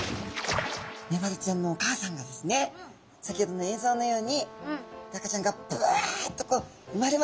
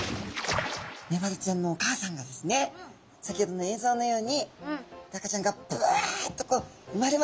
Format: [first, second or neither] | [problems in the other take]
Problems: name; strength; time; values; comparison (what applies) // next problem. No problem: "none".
second | background sound (Brass instrument); 19 dB below the speech